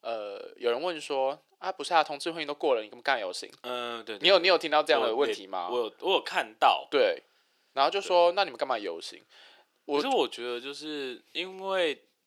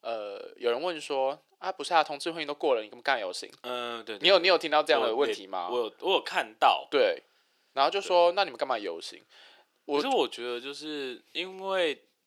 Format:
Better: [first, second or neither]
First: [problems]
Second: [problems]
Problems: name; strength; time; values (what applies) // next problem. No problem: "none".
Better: neither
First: thin; somewhat; fading below 300 Hz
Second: thin; somewhat; fading below 300 Hz